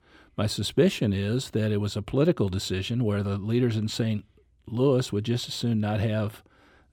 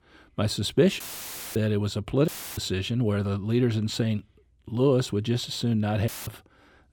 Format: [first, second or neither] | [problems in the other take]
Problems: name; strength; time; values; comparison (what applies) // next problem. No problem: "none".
first | audio cutting out; filled with static; at 1 s for 0.5 s, at 2.5 s and at 6 s